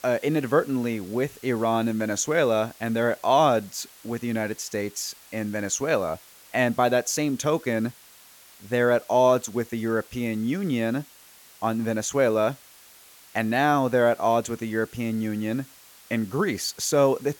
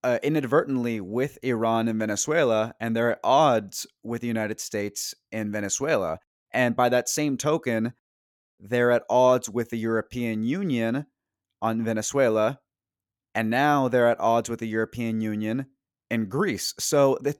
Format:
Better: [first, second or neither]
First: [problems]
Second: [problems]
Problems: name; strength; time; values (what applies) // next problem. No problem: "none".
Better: second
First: hiss; faint; throughout; 25 dB below the speech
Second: none